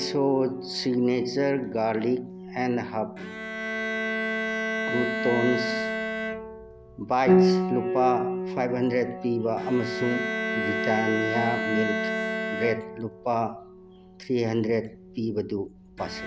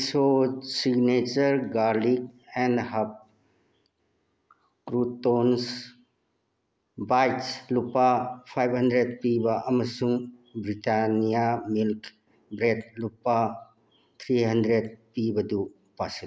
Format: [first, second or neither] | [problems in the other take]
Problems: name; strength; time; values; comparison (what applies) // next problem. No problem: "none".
second | background sound (Bowed string instrument + Piano); 1 dB below the speech